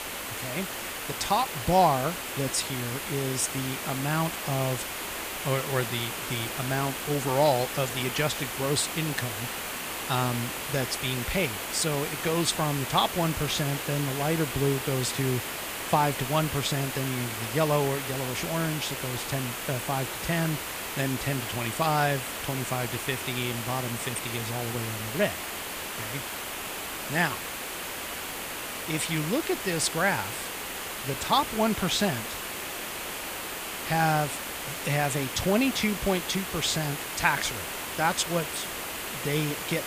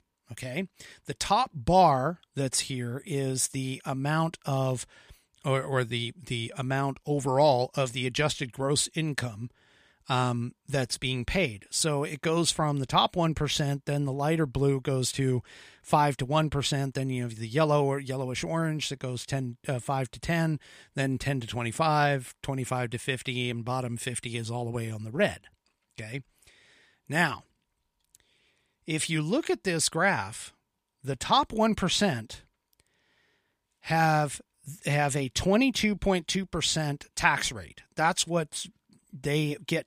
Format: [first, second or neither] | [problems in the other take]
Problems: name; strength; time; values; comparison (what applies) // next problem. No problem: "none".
second | hiss; loud; throughout; 4 dB below the speech